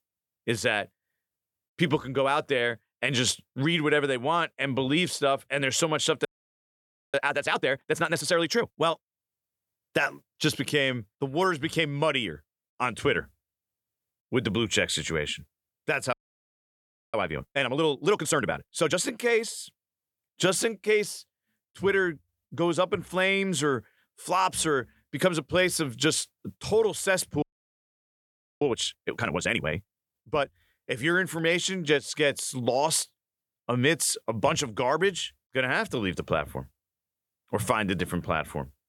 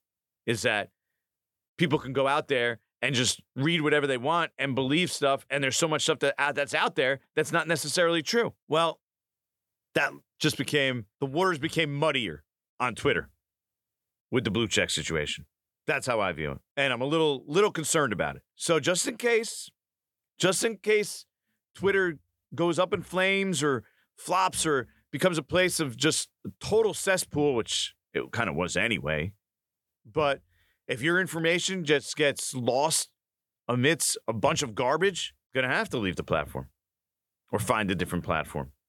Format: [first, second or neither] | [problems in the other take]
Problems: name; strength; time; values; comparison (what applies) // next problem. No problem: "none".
second | audio freezing; at 6.5 s for 1 s, at 16 s for 1 s and at 27 s for 1 s